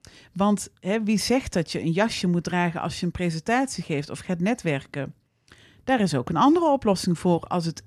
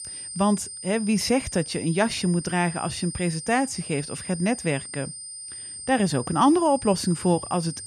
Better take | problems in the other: first | high-pitched whine; noticeable; throughout; 8.5 kHz, 10 dB below the speech

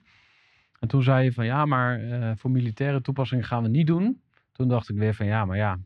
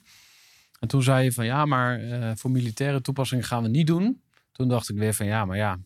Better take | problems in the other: second | muffled; slightly; fading above 3 kHz

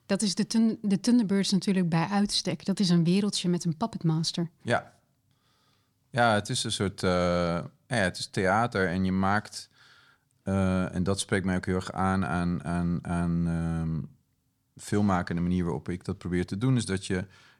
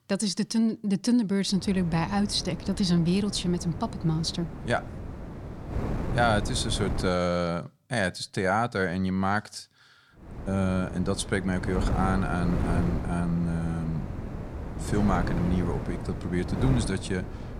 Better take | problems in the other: first | wind noise on the microphone; heavy; from 1.5 to 7 s and from 10 s on; 10 dB below the speech

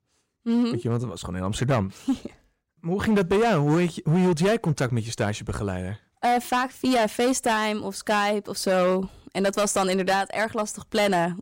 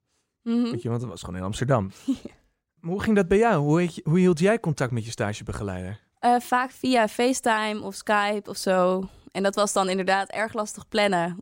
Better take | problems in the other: second | distortion; slight; 10% of the sound clipped

